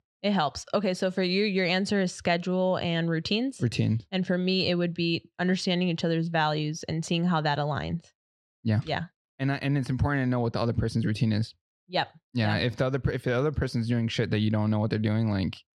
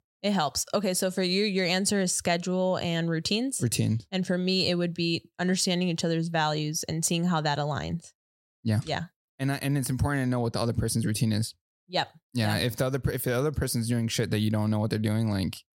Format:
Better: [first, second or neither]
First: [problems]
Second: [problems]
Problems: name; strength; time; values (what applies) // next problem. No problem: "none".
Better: second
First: muffled; very slightly; fading above 3 kHz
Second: none